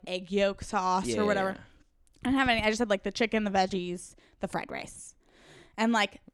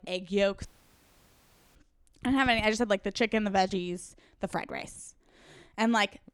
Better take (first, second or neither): first